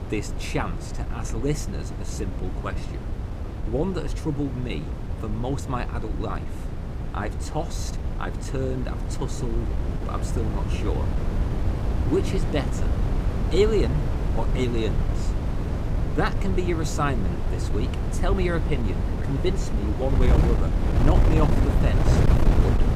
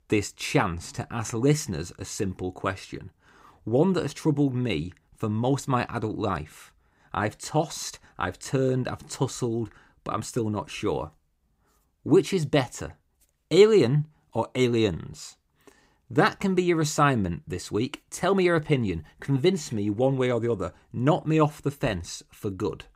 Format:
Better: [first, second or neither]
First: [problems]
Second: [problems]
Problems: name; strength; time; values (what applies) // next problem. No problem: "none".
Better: second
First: wind noise on the microphone; heavy; 4 dB below the speech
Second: none